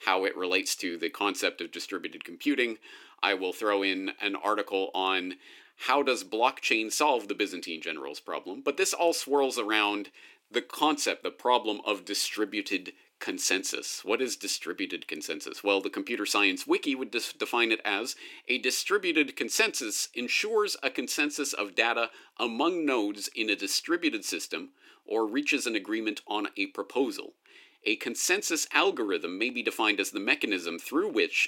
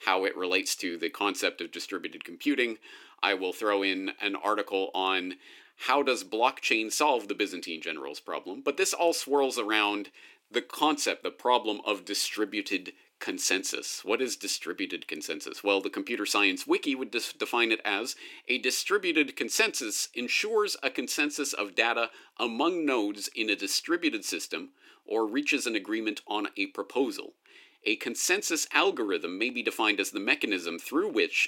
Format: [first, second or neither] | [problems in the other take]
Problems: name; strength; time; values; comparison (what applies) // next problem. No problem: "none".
neither | thin; somewhat; fading below 350 Hz; the same in both